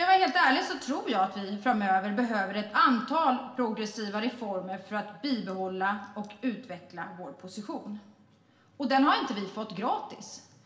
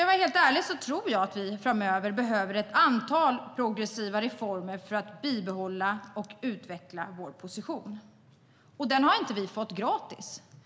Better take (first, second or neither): second